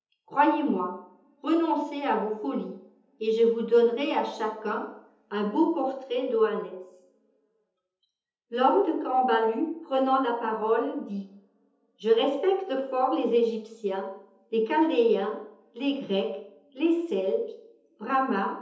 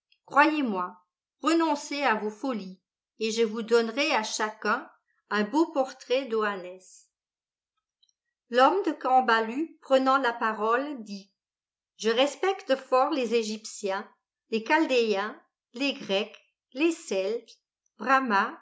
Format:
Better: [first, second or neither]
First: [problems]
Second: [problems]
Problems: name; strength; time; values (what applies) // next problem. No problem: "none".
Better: second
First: room echo; dies away in 0.8 s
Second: none